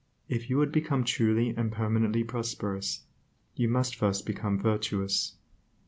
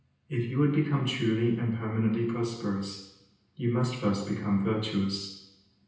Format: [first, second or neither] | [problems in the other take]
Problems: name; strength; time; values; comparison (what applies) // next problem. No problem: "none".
first | room echo; dies away in 0.9 s